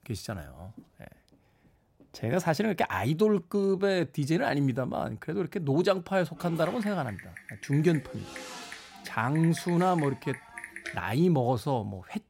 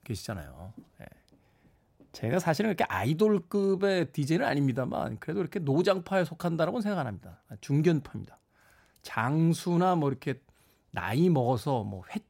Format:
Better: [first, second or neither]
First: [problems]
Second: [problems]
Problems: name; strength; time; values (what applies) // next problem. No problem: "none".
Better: second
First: keyboard typing; faint; from 6.5 to 11 s; peak 10 dB below the speech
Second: none